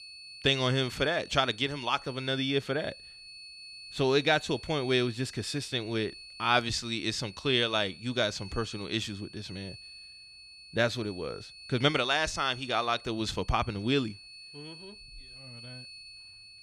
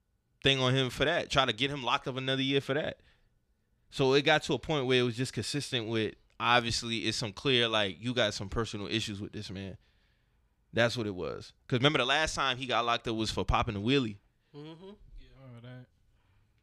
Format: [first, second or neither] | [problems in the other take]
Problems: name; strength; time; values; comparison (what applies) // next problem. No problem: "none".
second | high-pitched whine; noticeable; throughout; 4.5 kHz, 15 dB below the speech